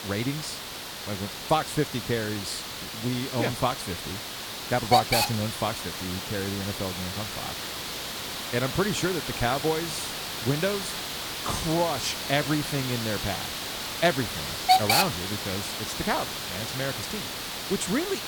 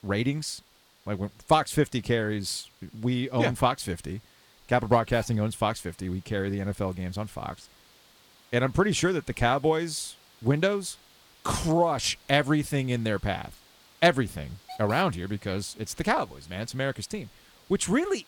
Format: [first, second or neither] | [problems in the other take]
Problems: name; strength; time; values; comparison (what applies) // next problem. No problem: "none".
second | hiss; loud; throughout; as loud as the speech; faint in the second